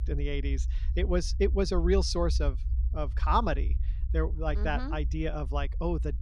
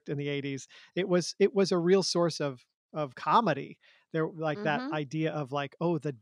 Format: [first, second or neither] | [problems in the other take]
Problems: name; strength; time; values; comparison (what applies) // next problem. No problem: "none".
second | low rumble; noticeable; throughout; 20 dB below the speech